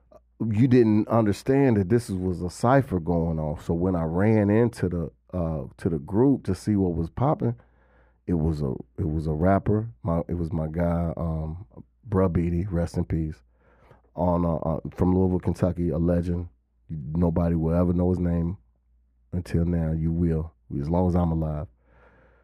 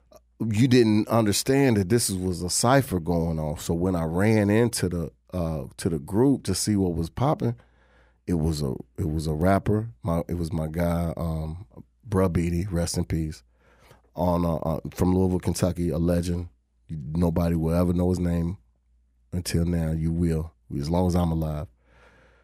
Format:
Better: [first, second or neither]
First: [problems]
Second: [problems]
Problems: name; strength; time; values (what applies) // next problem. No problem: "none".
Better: second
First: muffled; very; fading above 2.5 kHz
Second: none